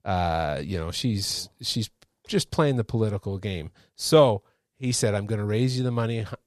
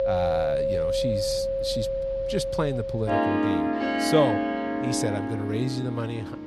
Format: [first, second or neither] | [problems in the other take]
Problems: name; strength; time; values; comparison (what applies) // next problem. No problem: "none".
first | background music; very loud; throughout; 3 dB above the speech